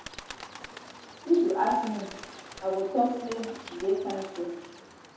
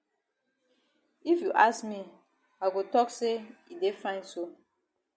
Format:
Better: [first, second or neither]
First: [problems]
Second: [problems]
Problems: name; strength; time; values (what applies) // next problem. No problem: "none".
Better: second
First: background sound (Bird); 15 dB below the speech // room echo; dies away in 0.8 s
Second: none